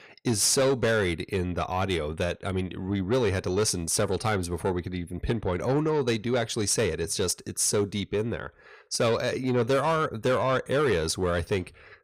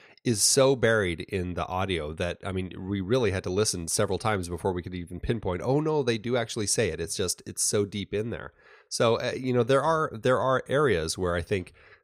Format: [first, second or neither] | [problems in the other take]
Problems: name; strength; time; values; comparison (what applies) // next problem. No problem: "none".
second | distortion; slight; 10 dB below the speech